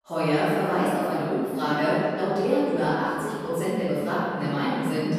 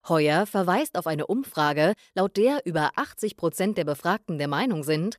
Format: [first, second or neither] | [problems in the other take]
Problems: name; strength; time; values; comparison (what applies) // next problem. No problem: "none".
second | off-mic speech; far // room echo; strong; dies away in 2.1 s